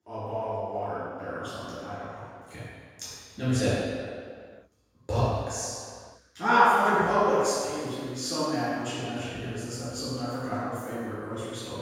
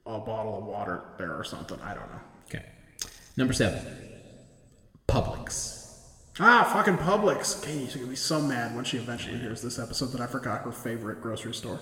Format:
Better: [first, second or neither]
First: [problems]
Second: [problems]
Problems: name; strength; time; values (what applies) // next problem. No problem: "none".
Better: second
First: room echo; strong; dies away in 1.7 s // off-mic speech; far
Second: room echo; slight; dies away in 1.7 s